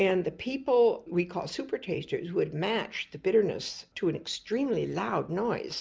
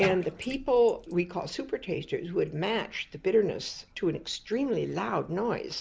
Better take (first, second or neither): first